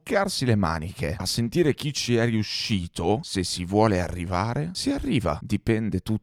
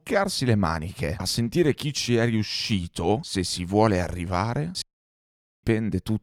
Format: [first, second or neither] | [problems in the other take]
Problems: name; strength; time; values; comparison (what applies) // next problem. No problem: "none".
first | audio cutting out; at 5 s for 1 s